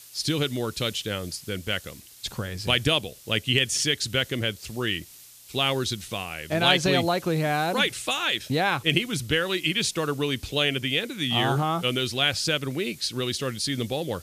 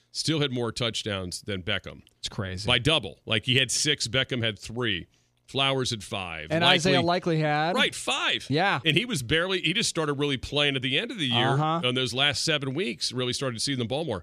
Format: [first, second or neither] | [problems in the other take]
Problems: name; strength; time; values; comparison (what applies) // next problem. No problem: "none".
second | hiss; faint; throughout; 20 dB below the speech